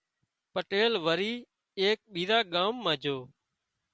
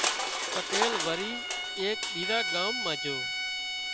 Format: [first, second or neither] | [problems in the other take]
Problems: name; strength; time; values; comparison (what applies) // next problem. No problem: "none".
first | background sound (Crushing + Bowed string instrument); 3 dB above the speech